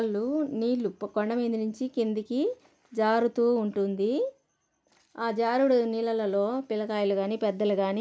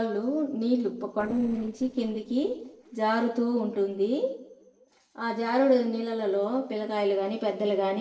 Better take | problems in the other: first | noise reduction (neural separator model SepFormer DNS4)

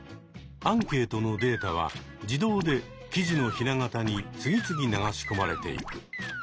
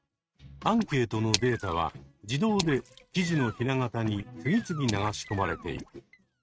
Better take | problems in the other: first | noise reduction (neural mask model RNNoise)

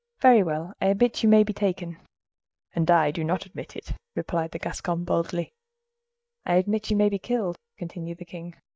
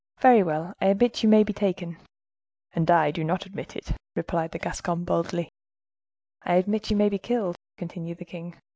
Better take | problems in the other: second | noise reduction (neural mask model DeepFilterNet 3)

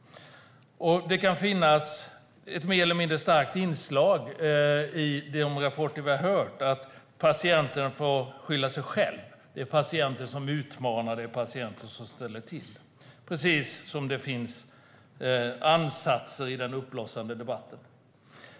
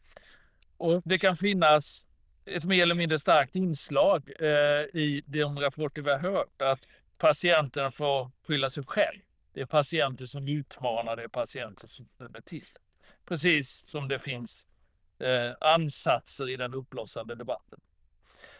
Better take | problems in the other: first | noise reduction (neural diffusion model UNIVERSE++)

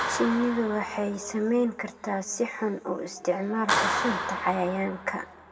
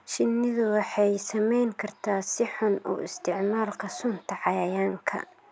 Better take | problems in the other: second | background sound (Clapping); 5 dB below the speech // room echo; dies away in 1.3 s

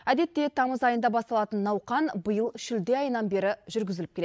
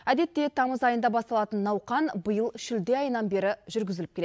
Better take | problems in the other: second | noise reduction (neural mask model Resemble Enhance denoiser)

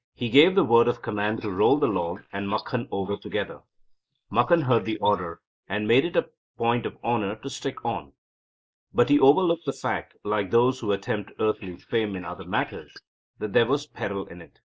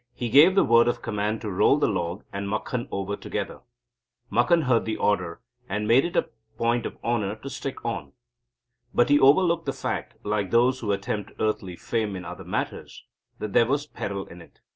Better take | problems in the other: second | noise reduction (neural mask model Resemble Enhance denoiser)

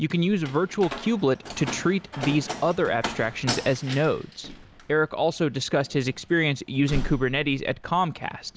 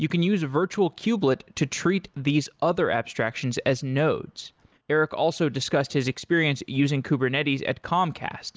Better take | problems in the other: second | background sound (Slam); 11 dB below the speech

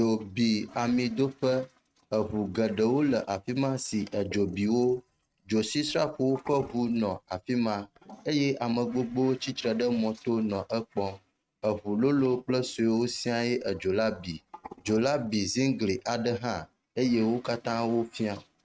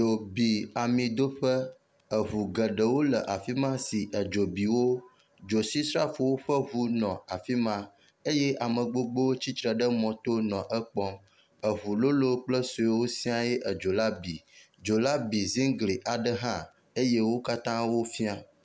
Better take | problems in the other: second | noise reduction (neural mask model RNNoise)

